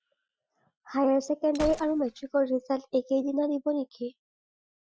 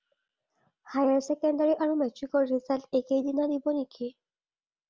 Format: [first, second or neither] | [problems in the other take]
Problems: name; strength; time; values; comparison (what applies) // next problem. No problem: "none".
second | noise reduction (classical method Wiener filter)